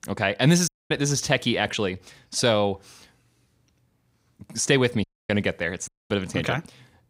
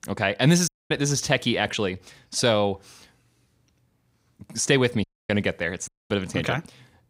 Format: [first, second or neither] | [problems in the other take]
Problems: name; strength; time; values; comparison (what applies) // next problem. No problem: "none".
neither | audio cutting out; at 0.5 s, at 5 s and at 6 s; the same in both